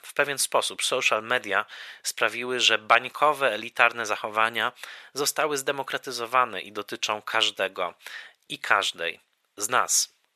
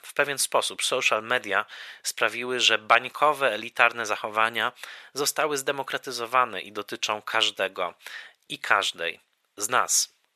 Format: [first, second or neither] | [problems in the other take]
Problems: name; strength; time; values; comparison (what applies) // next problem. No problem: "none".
neither | thin; very; fading below 700 Hz; the same in both